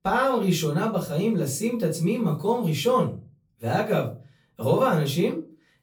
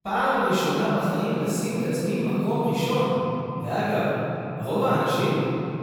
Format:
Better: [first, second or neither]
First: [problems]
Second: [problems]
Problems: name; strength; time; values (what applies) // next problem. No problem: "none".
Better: first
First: room echo; slight; dies away in 0.3 s // off-mic speech; far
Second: room echo; strong; dies away in 3 s // off-mic speech; far